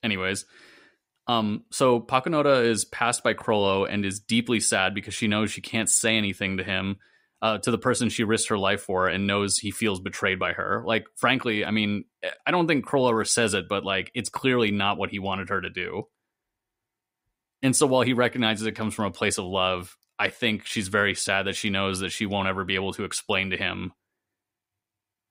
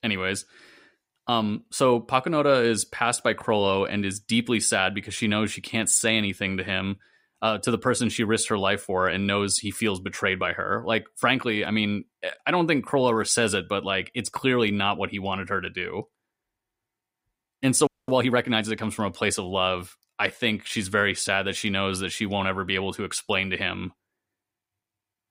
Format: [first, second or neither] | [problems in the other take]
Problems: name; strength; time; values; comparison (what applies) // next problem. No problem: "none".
first | audio freezing; at 18 s